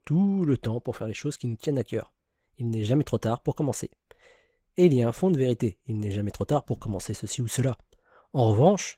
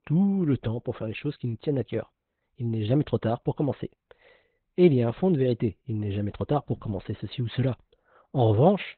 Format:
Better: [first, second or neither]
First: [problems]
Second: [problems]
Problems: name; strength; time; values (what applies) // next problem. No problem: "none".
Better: first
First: garbled, watery; slightly; nothing above 16 kHz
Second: garbled, watery; badly; nothing above 4 kHz